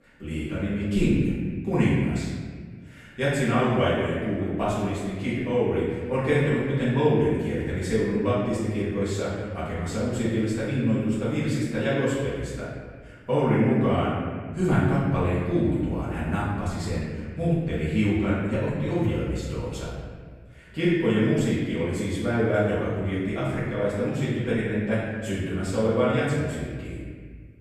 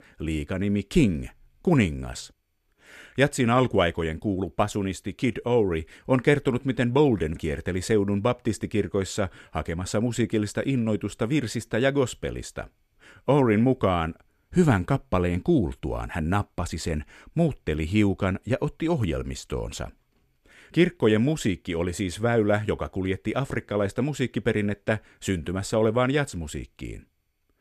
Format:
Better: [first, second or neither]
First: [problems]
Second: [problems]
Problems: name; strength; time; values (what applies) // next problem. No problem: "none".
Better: second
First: off-mic speech; far // room echo; strong; dies away in 1.7 s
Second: none